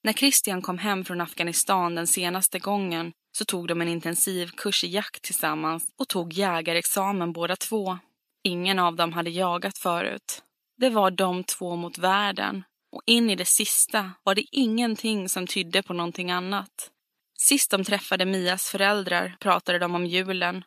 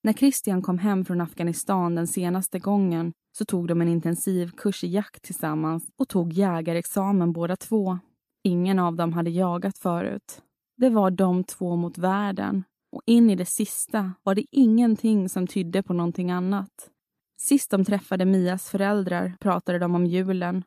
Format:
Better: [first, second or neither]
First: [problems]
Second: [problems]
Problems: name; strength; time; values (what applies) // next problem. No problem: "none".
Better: second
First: thin; somewhat; fading below 1 kHz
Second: none